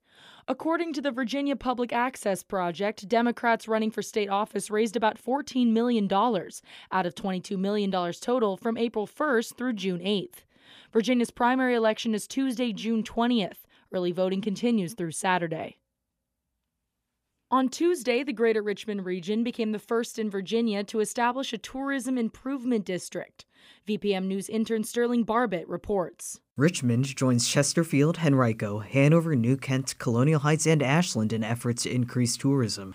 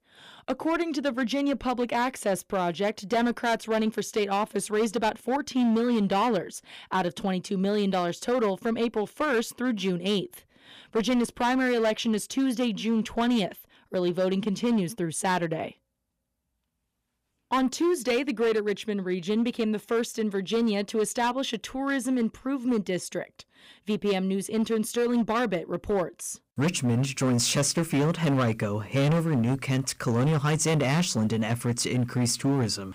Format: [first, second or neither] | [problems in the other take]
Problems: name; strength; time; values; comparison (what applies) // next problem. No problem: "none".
first | distortion; slight; 10% of the sound clipped